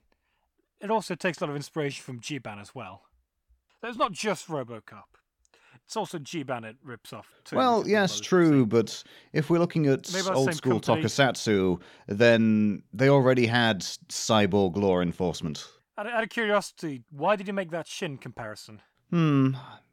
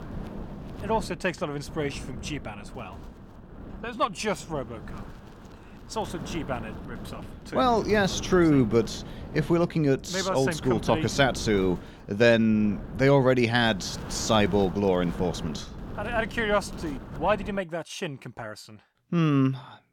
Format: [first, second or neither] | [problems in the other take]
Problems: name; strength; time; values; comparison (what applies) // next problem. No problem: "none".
first | wind noise on the microphone; occasional gusts; until 18 s; 20 dB below the speech